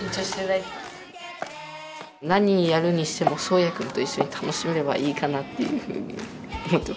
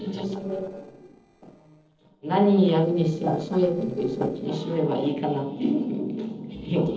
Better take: first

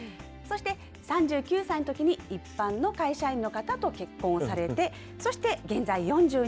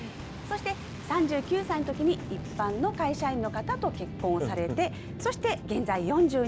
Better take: first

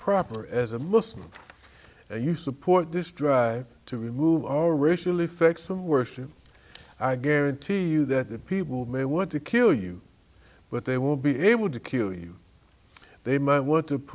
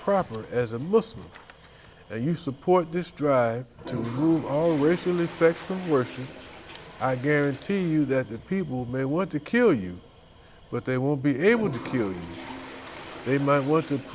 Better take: first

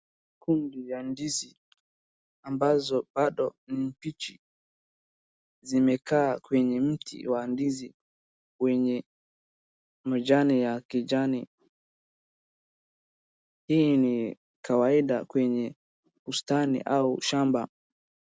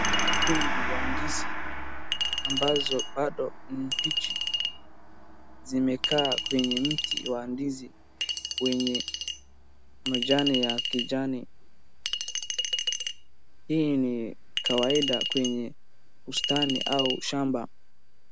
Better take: first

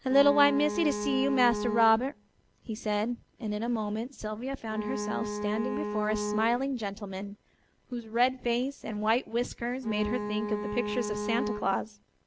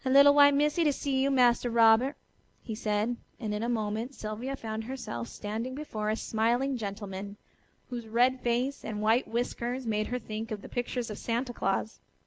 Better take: second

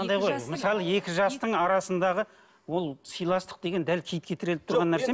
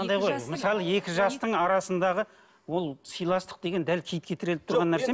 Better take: first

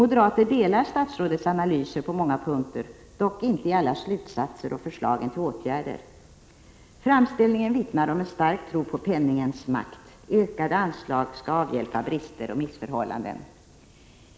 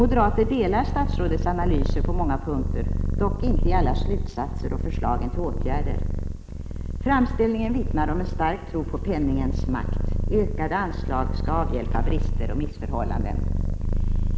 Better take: first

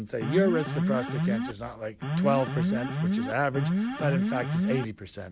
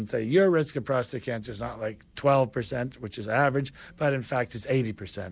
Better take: second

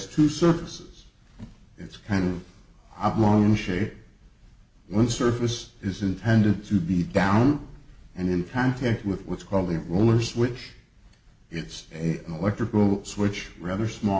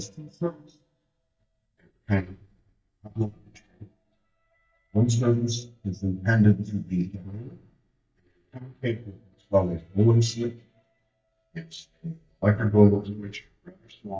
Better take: first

